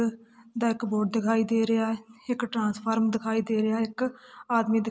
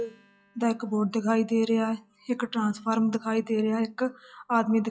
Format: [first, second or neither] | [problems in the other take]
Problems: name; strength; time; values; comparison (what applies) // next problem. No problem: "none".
first | noise reduction (classical method log-MMSE)